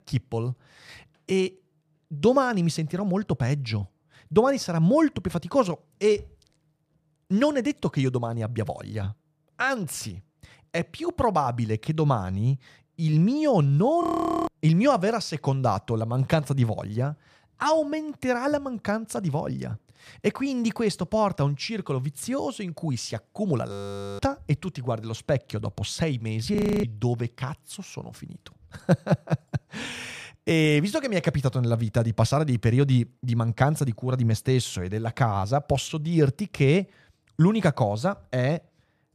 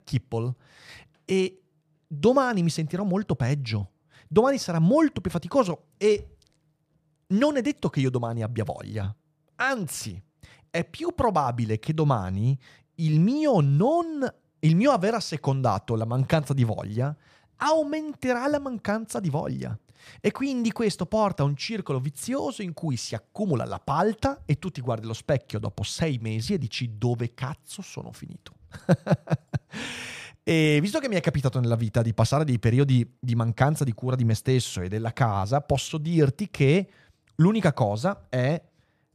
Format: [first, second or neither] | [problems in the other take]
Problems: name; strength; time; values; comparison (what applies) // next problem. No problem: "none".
second | audio freezing; at 14 s, at 24 s and at 27 s